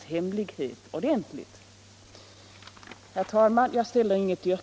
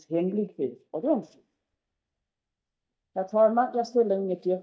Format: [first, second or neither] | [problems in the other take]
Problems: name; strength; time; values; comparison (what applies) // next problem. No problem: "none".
first | noise reduction (neural mask model DeepFilterNet 3)